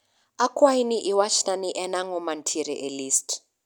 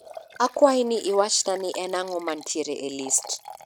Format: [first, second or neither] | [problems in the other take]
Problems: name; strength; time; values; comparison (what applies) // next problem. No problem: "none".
first | noise reduction (neural mask model RNNoise)